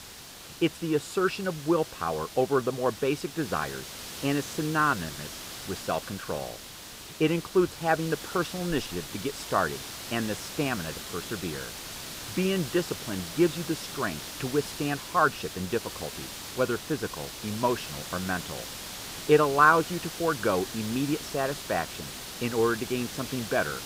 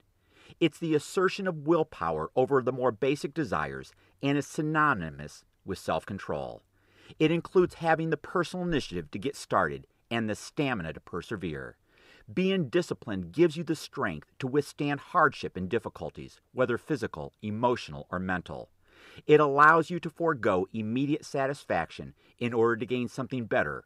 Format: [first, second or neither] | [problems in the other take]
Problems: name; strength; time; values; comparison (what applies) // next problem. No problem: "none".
second | hiss; loud; throughout; 9 dB below the speech